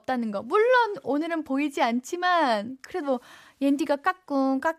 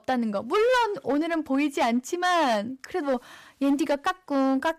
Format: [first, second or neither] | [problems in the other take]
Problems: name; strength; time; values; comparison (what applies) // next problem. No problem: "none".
first | distortion; slight; 10% of the sound clipped